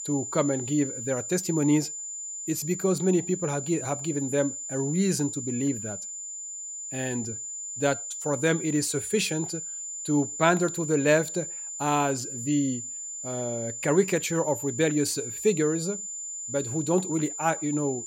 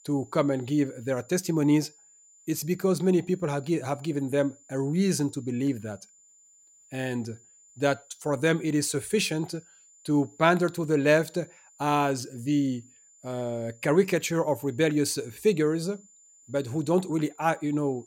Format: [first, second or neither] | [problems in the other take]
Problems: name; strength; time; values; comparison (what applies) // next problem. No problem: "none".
second | high-pitched whine; loud; throughout; 7 kHz, 6 dB below the speech; faint in the second